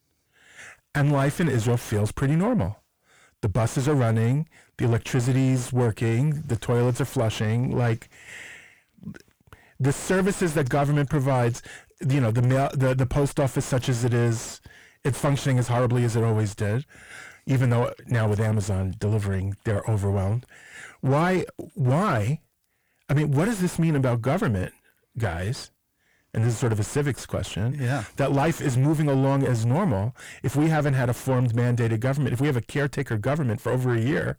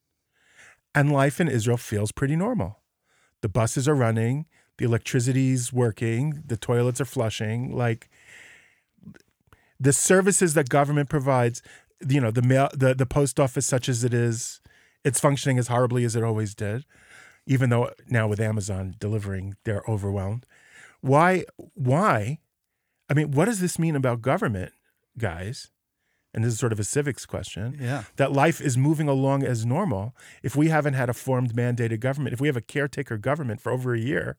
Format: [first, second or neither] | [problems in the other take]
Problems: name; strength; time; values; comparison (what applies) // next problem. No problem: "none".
second | distortion; heavy; 6 dB below the speech